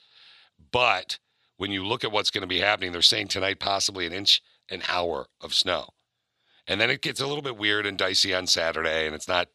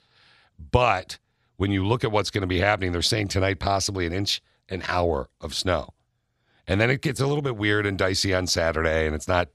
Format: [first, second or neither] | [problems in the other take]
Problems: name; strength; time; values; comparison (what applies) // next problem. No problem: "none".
second | thin; somewhat; fading below 850 Hz